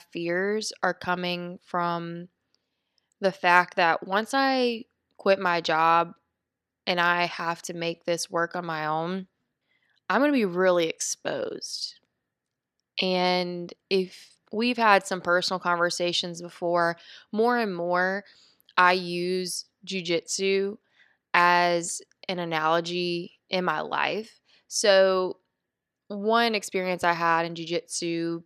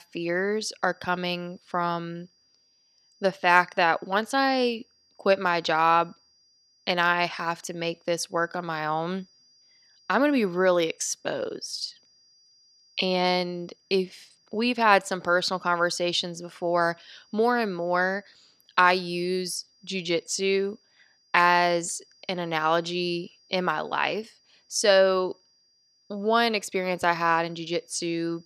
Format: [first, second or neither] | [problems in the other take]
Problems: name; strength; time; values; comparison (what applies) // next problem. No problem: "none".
first | high-pitched whine; faint; throughout; 5 kHz, 35 dB below the speech